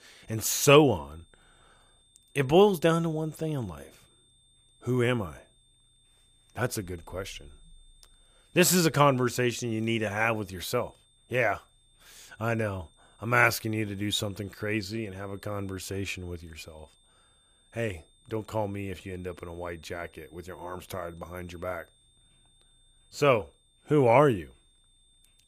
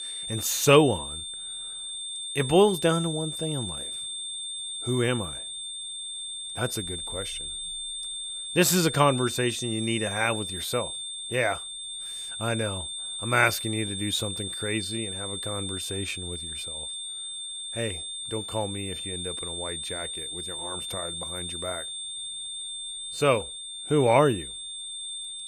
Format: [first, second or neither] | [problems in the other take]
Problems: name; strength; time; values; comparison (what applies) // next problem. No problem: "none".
first | high-pitched whine; loud; throughout; 3.5 kHz, 6 dB below the speech; faint in the first